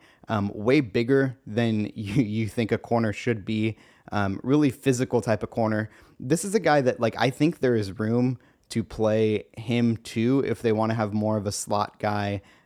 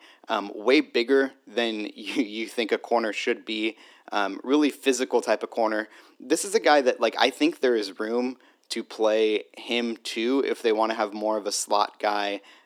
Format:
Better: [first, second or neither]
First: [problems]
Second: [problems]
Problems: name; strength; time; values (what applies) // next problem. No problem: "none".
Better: first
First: none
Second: thin; somewhat; fading below 250 Hz